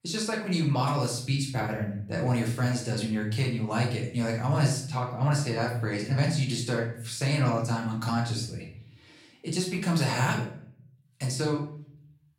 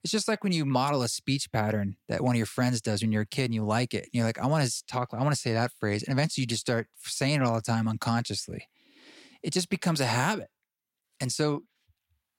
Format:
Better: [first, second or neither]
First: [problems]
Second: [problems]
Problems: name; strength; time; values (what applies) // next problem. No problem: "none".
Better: second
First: room echo; slight; dies away in 0.6 s // off-mic speech; far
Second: none